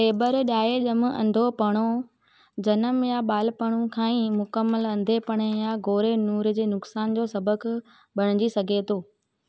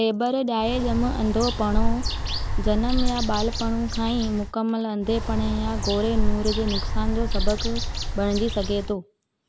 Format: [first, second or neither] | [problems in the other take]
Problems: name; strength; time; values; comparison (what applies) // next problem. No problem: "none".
first | background sound (Bird); 1 dB above the speech